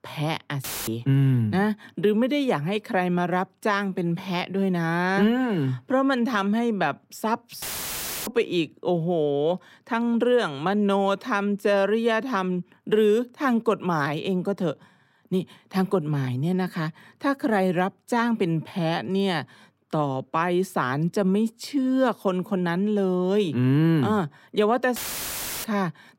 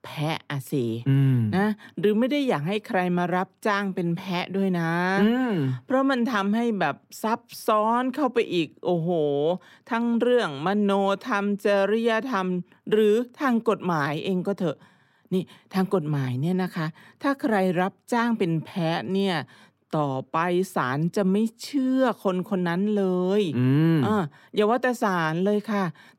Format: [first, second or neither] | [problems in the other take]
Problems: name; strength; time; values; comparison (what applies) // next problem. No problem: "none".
second | audio cutting out; filled with static; at 0.5 s, at 7.5 s for 0.5 s and at 25 s for 0.5 s